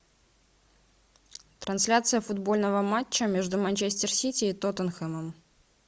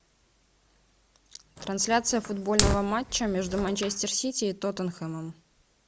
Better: first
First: none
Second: background sound (Fire); 2 dB below the speech

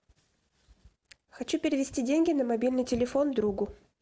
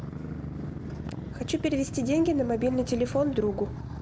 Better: first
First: none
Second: background sound (Motorcycle); 7 dB below the speech

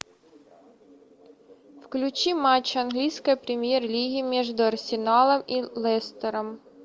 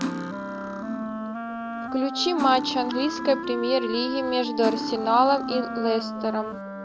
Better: first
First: none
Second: background sound (Cutlery, silverware + Wind instrument, woodwind instrument); 5 dB below the speech

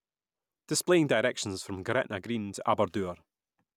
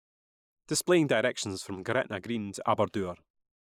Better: first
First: none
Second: noise reduction (neural mask model Resemble Enhance denoiser)

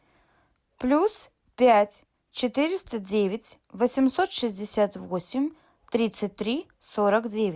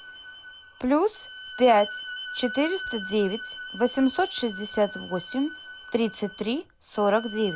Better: first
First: none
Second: background sound (Bowed string instrument); 12 dB below the speech

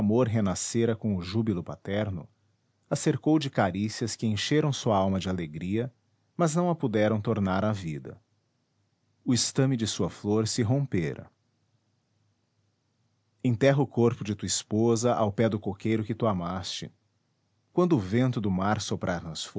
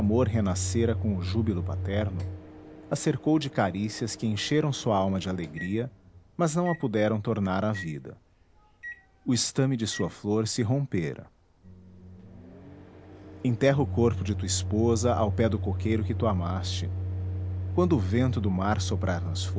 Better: first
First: none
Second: background sound (Microwave oven); 6 dB below the speech

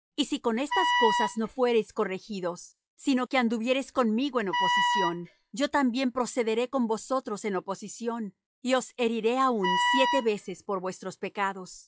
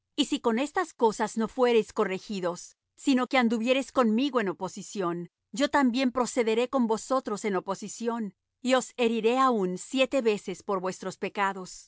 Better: second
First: noise reduction (classical method log-MMSE)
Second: none

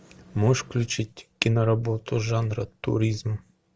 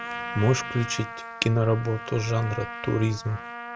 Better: first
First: none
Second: background sound (Trumpet); 10 dB below the speech

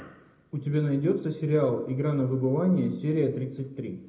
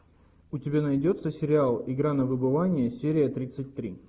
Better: second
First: room echo; dies away in 0.7 s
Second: none

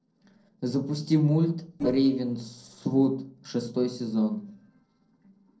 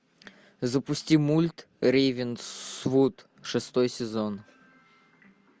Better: second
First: noise reduction (neural separator model SepFormer DNS4)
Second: none

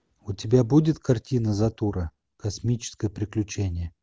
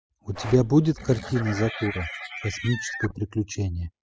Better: first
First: none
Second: noise reduction (classical method spectral subtraction)

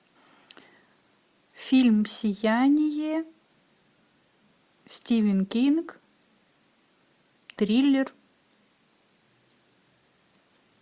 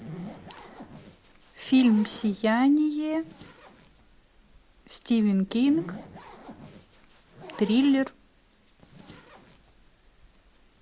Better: first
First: none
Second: background sound (Zipper (clothing)); 18 dB below the speech

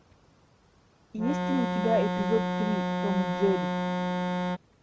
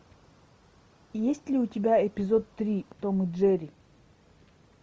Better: second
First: background sound (Organ); 3 dB above the speech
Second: none

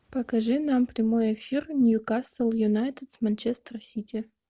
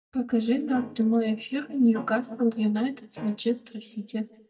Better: first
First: none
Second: noise reduction (neural mask model DeepFilterNet 3)

